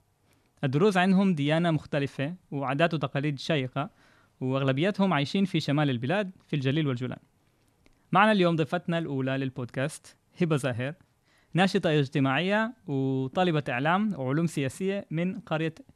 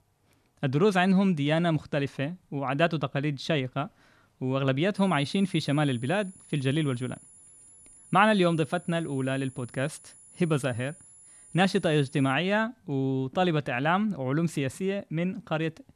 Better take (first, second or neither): first